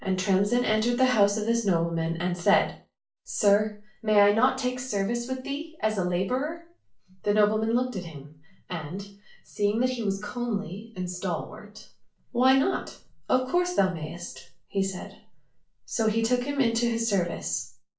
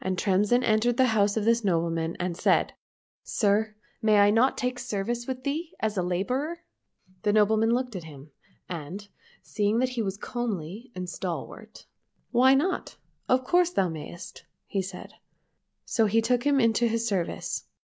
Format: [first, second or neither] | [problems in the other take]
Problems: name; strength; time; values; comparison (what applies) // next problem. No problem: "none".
second | room echo; dies away in 0.3 s